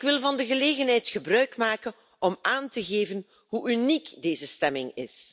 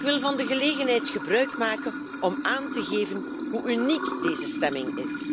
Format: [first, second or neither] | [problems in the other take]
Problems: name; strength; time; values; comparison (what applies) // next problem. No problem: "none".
first | background sound (Sink (filling or washing) / Water); 5 dB below the speech